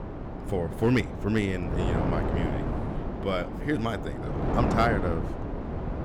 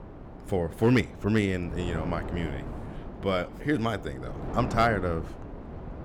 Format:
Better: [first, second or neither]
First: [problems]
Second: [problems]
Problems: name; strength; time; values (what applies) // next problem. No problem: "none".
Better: second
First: wind noise on the microphone; heavy; 5 dB below the speech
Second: wind noise on the microphone; occasional gusts; 15 dB below the speech